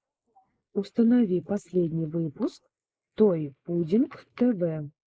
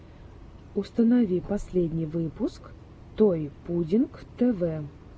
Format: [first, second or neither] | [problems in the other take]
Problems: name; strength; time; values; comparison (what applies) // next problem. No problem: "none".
second | noise reduction (neural mask model Resemble Enhance denoiser)